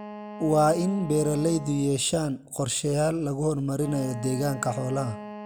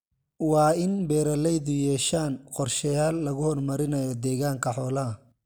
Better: second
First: background sound (Wind instrument, woodwind instrument); 15 dB below the speech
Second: none

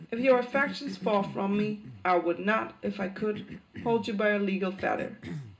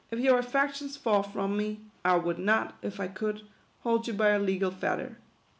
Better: second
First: background sound (Cough); 14 dB below the speech // room echo; dies away in 0.2 s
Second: none

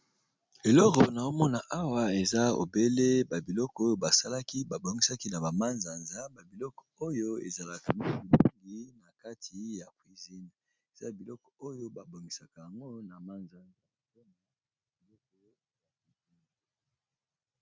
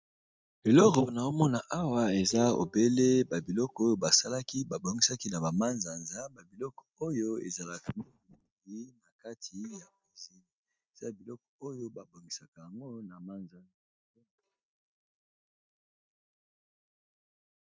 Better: first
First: none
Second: noise reduction (neural mask model DeepFilterNet 3)

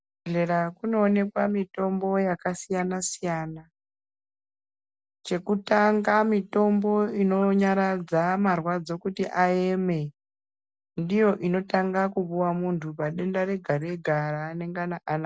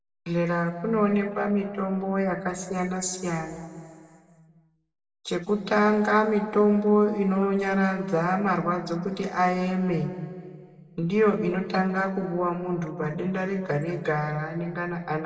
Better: first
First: none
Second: room echo; dies away in 1.6 s

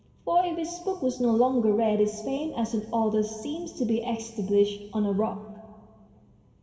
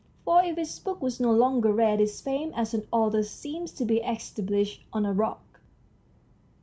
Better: second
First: room echo; dies away in 1.7 s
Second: none

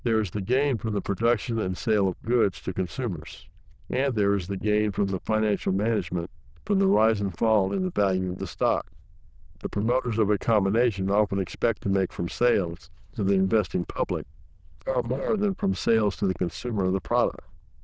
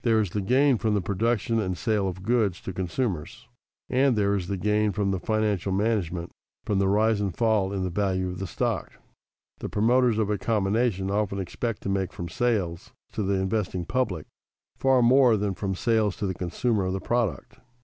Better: second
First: noise reduction (neural diffusion model UNIVERSE++)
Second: none

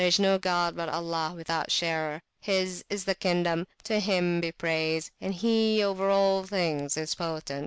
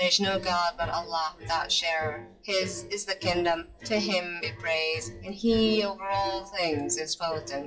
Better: first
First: none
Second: noise reduction (classical method WPE with log-MMSE)

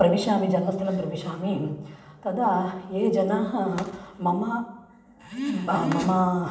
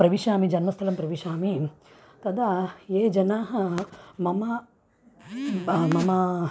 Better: second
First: room echo; dies away in 0.9 s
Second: none

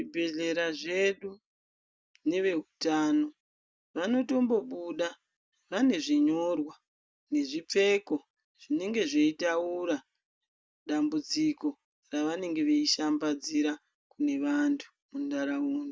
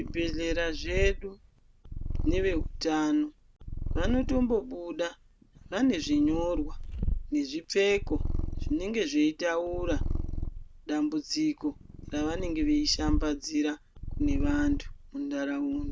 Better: first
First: none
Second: background sound (Purr); 3 dB below the speech

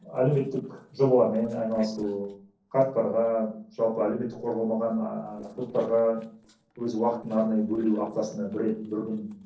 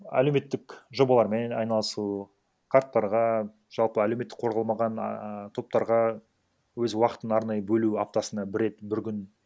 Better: second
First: noise reduction (neural separator model SepFormer DNS4)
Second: none

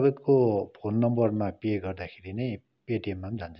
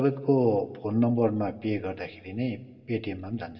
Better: first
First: none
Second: room echo; dies away in 1.3 s

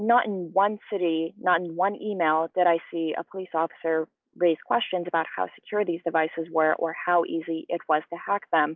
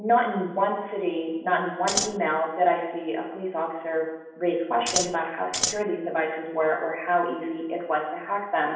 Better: first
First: none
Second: background sound (Scissors); 1 dB below the speech // room echo; dies away in 0.9 s

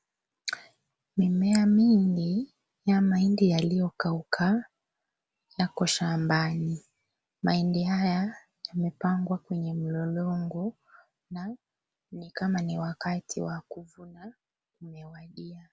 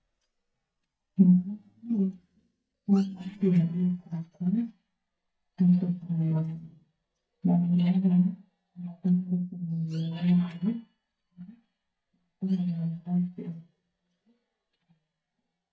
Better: first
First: none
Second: noise reduction (neural mask model DeepFilterNet 3)

